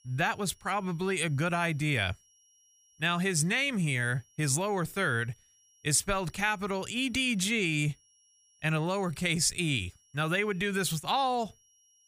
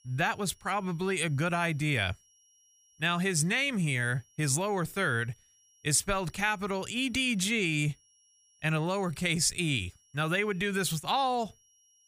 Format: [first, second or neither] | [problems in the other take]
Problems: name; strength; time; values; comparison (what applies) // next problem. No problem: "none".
neither | high-pitched whine; faint; throughout; 5.5 kHz, 35 dB below the speech; the same in both